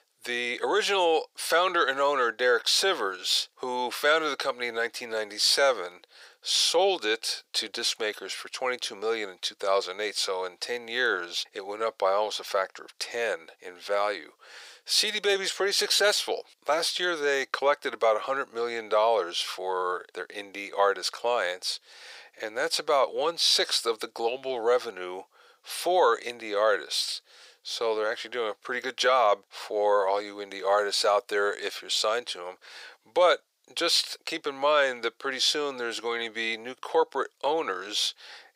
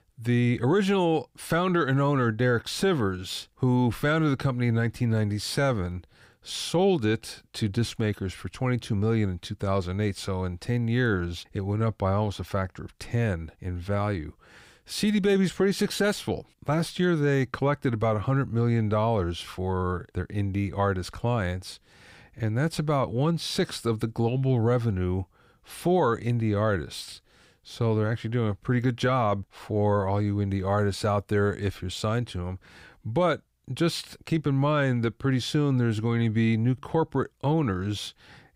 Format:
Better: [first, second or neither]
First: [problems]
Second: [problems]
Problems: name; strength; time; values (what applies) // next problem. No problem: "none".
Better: second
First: thin; very; fading below 500 Hz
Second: none